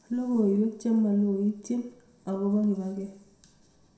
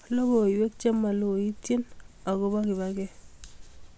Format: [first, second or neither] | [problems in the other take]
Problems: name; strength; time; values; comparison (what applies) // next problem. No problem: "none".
second | room echo; dies away in 0.6 s